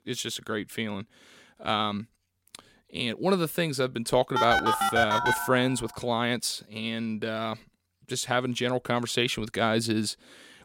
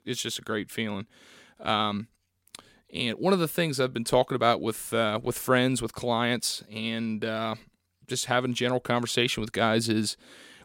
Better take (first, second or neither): second